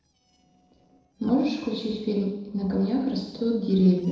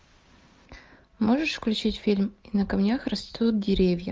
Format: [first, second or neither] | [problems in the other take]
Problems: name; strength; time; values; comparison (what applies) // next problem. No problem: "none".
second | noise reduction (neural separator model SepFormer DNS4)